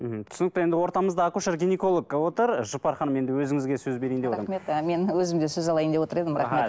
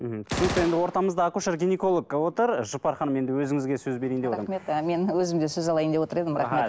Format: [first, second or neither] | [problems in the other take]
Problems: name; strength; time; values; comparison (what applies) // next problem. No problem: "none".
first | background sound (Gunshot, gunfire); 10 dB below the speech